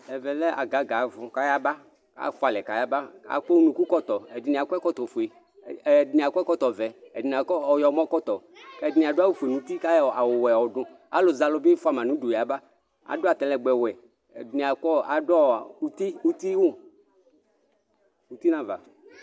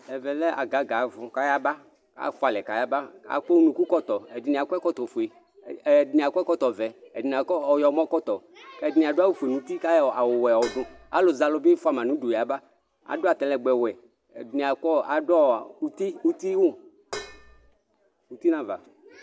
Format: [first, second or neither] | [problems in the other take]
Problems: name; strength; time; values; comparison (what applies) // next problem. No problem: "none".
first | background sound (Dishes, pots, and pans); 14 dB below the speech